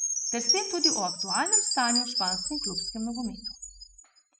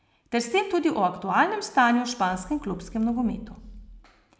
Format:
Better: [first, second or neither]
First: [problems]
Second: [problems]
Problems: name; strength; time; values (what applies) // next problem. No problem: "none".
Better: second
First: noise reduction (classical method spectral subtraction)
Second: none